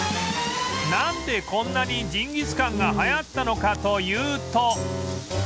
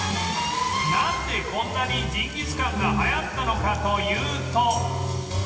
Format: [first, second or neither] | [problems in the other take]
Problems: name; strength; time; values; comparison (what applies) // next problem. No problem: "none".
first | room echo; dies away in 2.5 s